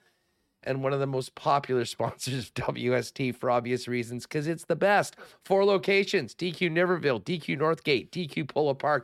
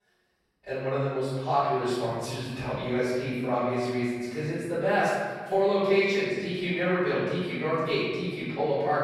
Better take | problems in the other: first | off-mic speech; far // room echo; strong; dies away in 1.4 s

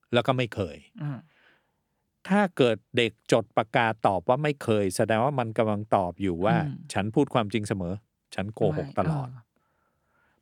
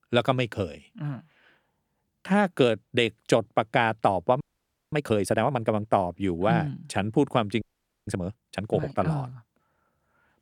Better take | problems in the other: first | audio freezing; at 4.5 s for 0.5 s and at 7.5 s

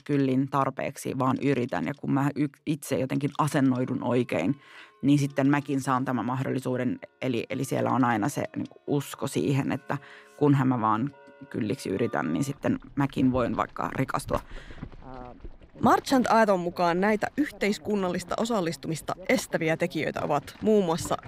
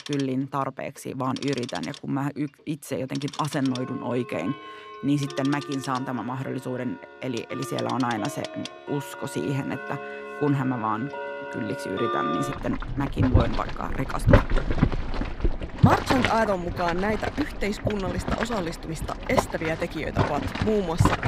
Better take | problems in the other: first | household noises; loud; throughout; 1 dB below the speech; faint in the first

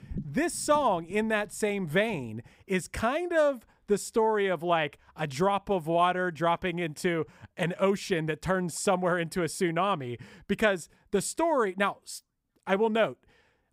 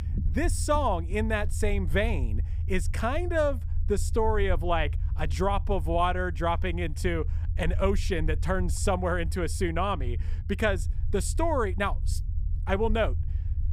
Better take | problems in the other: first | low rumble; faint; throughout; 20 dB below the speech

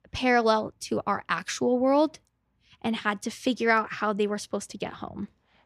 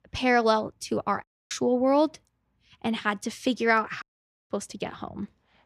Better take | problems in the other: first | audio cutting out; at 1 s and at 4 s

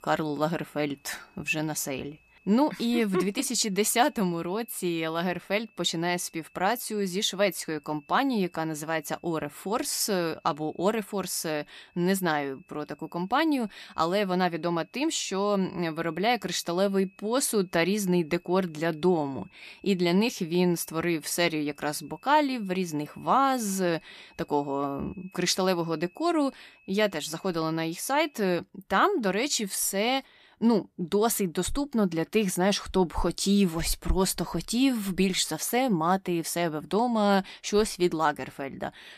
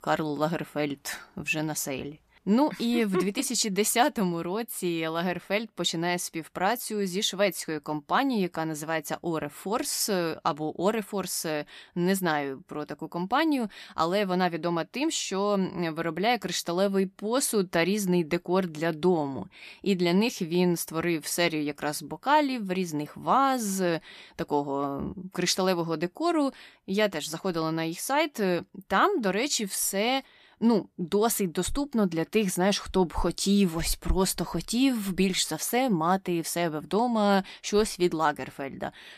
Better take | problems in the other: second | high-pitched whine; faint; until 28 s; 2.5 kHz, 30 dB below the speech

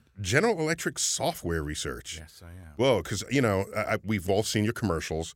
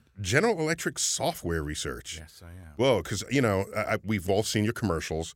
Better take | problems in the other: neither | none

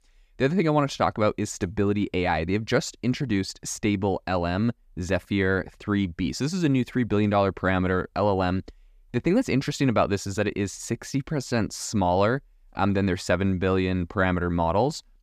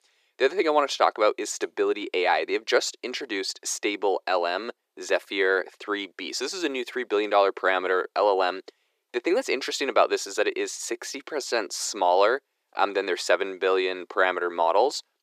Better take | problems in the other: first | thin; very; fading below 350 Hz

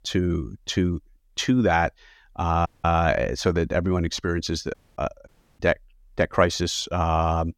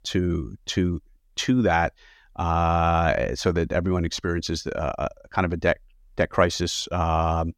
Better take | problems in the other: second | audio cutting out; at 2.5 s, at 4.5 s and at 5.5 s

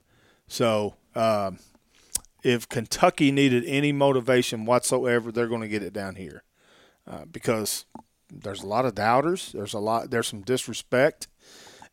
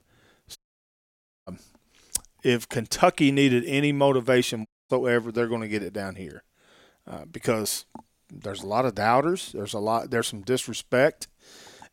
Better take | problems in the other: first | audio cutting out; at 0.5 s for 1 s and at 4.5 s

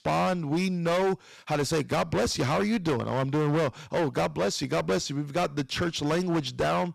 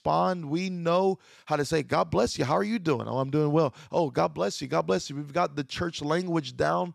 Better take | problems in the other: second | distortion; heavy; 23% of the sound clipped

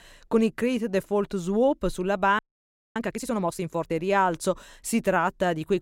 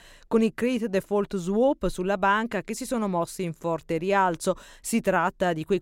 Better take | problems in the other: second | audio freezing; at 2.5 s for 0.5 s

